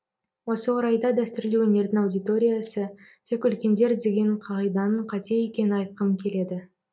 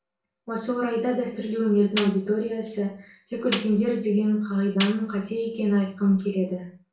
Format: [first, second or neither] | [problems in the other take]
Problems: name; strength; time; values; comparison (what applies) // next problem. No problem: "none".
first | background sound (Snare drum); 13 dB below the speech // room echo; dies away in 0.3 s